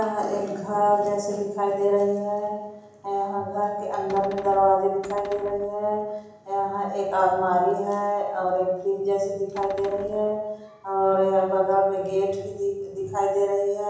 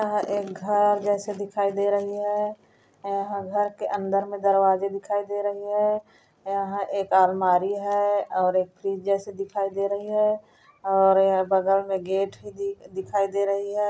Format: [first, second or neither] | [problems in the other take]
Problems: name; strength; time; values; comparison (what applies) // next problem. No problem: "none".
second | background sound (Cupboard open or close); 19 dB below the speech // room echo; dies away in 1 s